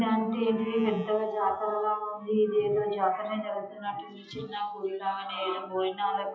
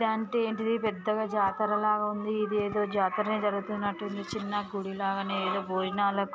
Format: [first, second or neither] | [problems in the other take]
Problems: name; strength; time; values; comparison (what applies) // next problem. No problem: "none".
second | noise reduction (classical method WPE with log-MMSE)